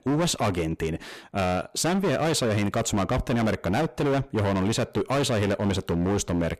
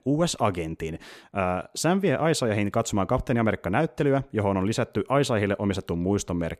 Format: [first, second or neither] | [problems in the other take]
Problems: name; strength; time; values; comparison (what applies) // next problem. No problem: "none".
second | distortion; heavy; 24% of the sound clipped